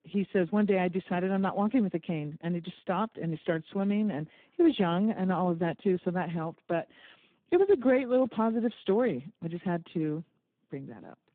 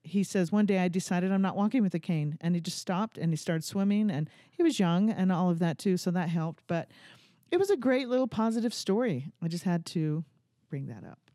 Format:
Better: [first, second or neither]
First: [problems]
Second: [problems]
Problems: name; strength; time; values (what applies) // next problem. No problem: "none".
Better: second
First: phone-call audio; poor line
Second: none